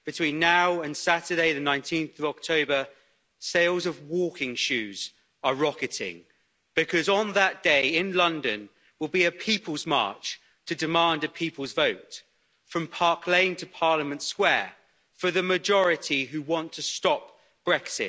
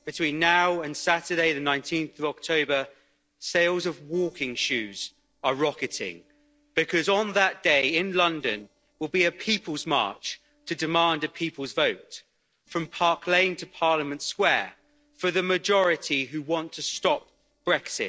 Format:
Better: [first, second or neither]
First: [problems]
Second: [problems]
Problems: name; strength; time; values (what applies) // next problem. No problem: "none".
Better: first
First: none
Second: noise reduction (neural separator model SepFormer DNS4)